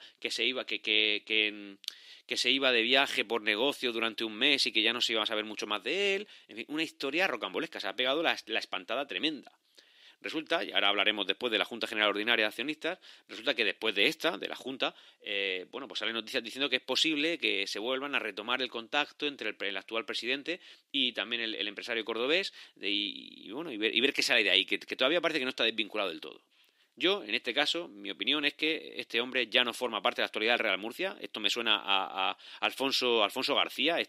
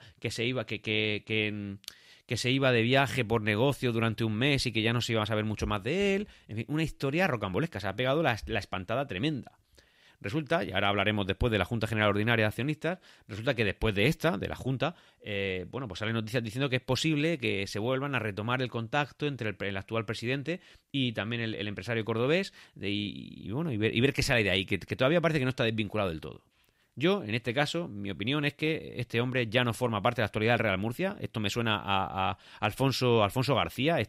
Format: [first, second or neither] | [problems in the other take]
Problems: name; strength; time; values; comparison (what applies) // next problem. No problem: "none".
second | thin; somewhat; fading below 300 Hz